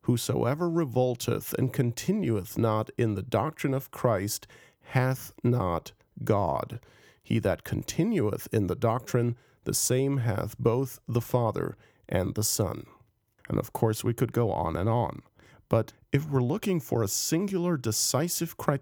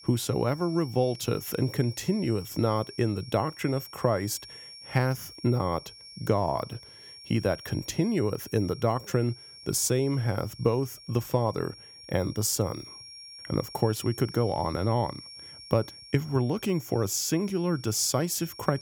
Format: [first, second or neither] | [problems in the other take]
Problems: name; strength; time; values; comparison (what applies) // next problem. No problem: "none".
first | high-pitched whine; noticeable; throughout; 5.5 kHz, 15 dB below the speech